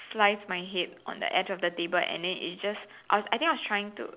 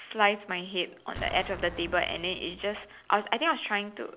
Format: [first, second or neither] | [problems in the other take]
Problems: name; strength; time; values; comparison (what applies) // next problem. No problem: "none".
first | background sound (Explosion); 14 dB below the speech